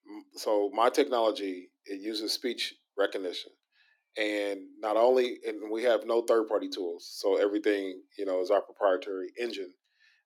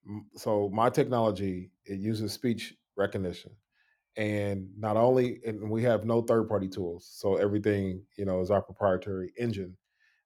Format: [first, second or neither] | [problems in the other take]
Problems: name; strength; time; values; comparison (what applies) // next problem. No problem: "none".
second | thin; somewhat; fading below 300 Hz